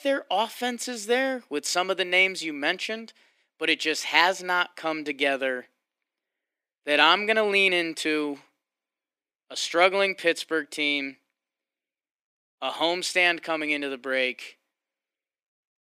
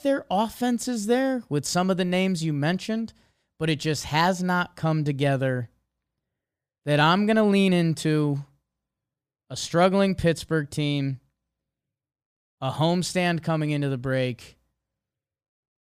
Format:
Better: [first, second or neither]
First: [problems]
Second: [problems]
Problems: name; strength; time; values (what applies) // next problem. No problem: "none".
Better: second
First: thin; somewhat; fading below 300 Hz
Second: none